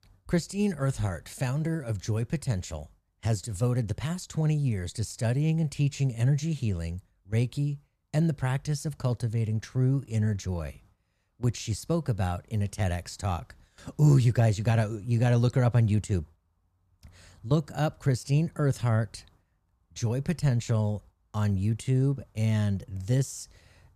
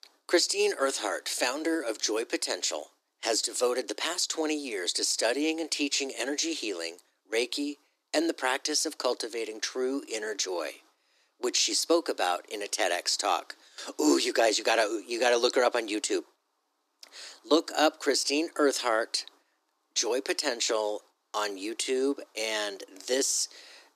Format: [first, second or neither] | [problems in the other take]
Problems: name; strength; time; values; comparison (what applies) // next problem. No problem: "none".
first | thin; very; fading below 300 Hz